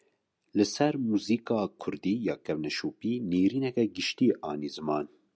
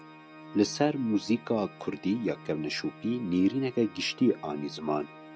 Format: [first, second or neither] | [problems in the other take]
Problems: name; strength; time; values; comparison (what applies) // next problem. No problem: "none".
first | background sound (Organ); 19 dB below the speech